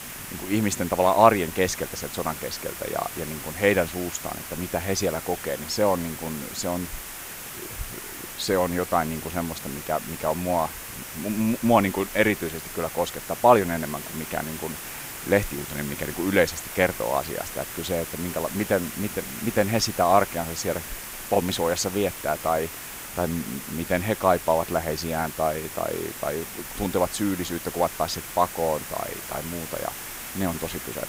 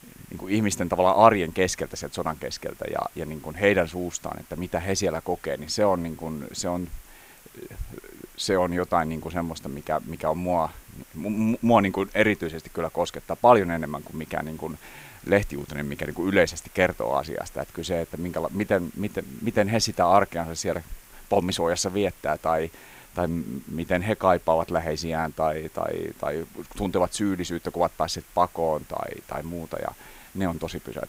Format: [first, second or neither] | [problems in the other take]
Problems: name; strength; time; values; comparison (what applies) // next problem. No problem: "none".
second | hiss; loud; throughout; 9 dB below the speech; faint in the second